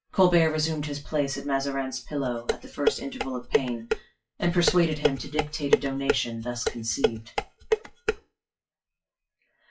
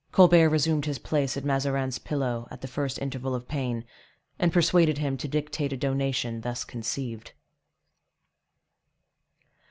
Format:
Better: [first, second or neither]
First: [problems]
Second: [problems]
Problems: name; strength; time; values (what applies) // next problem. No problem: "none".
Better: second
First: noise reduction (classical method WPE with log-MMSE)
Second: none